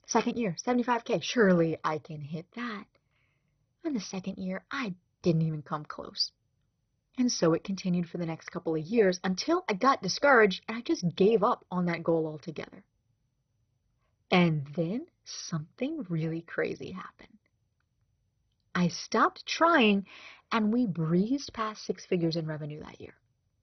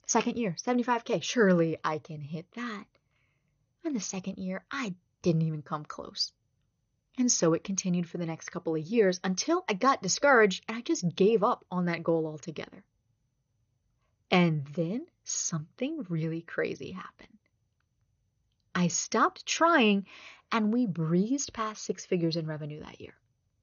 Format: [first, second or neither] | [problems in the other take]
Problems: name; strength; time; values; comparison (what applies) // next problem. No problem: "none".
second | garbled, watery; badly; nothing above 6 kHz; slightly in the second